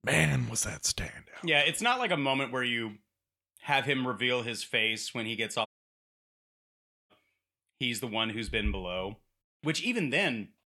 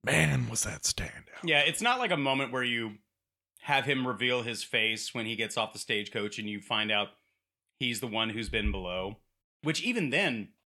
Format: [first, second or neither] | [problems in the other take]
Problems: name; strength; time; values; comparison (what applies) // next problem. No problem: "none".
second | audio cutting out; at 5.5 s for 1.5 s